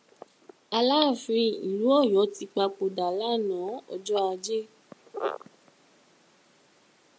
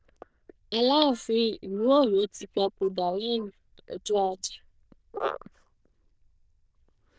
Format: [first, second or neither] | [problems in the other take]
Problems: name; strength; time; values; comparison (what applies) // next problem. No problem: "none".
first | noise reduction (neural diffusion model UNIVERSE++)